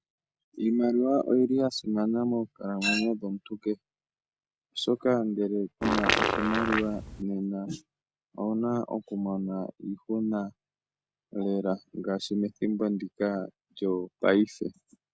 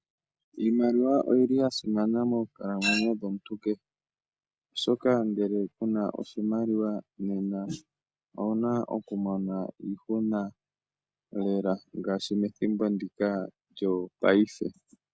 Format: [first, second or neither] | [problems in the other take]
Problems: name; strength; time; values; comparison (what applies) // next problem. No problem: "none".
second | background sound (Fart); 1 dB above the speech